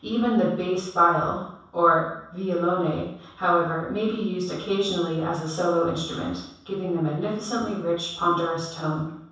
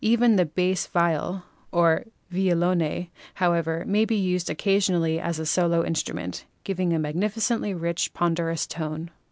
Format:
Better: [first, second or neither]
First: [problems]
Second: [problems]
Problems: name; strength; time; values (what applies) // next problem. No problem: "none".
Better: second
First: room echo; dies away in 0.7 s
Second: none